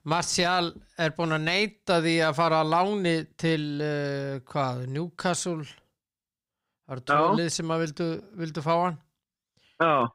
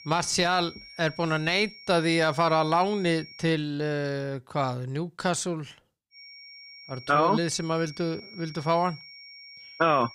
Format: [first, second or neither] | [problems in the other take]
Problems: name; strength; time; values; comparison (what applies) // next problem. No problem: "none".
first | high-pitched whine; noticeable; until 3.5 s and from 6 s on; 5.5 kHz, 20 dB below the speech